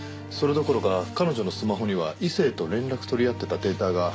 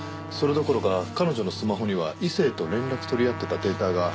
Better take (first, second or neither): first